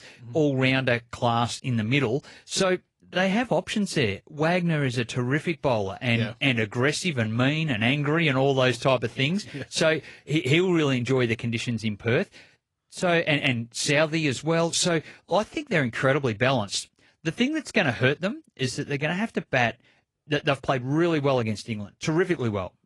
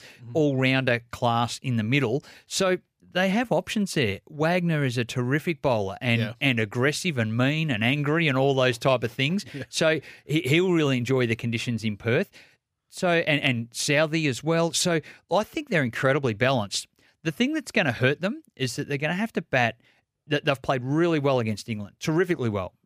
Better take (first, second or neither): second